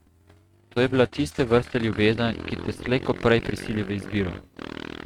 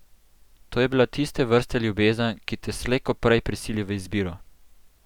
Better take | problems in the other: second | noise reduction (neural mask model RNNoise)

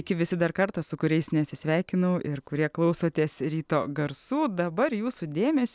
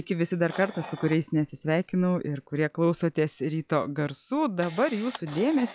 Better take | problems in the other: first | noise reduction (classical method log-MMSE)

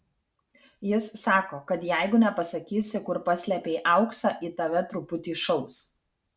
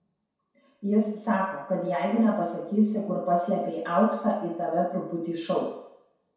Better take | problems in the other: first | room echo; dies away in 0.7 s

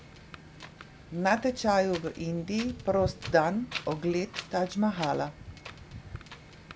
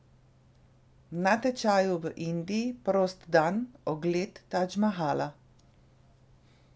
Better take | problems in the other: second | background sound (Wind); 12 dB below the speech

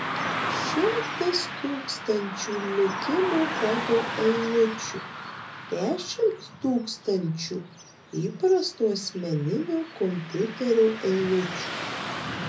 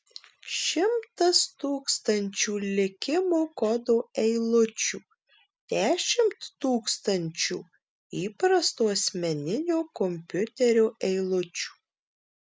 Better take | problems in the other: second | background sound (Car passing by / Traffic noise, roadway noise); 7 dB below the speech // room echo; dies away in 0.4 s

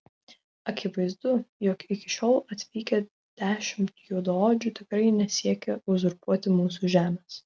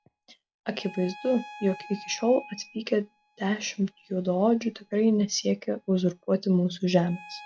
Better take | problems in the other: first | noise reduction (classical method log-MMSE)

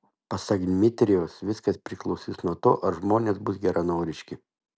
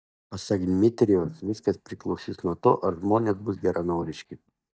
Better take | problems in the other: first | noise reduction (neural mask model DeepFilterNet 3)

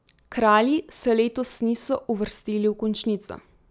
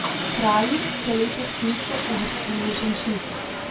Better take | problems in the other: first | background sound (Train); 2 dB below the speech // room echo; dies away in 0.2 s

